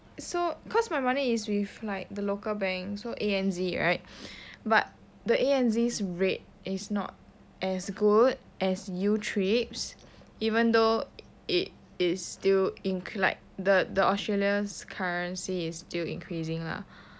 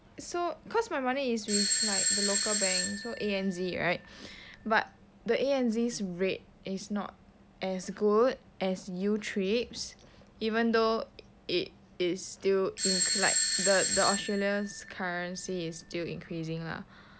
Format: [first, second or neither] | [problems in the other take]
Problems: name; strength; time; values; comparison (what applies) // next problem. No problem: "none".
first | background sound (Bell / Doorbell); as loud as the speech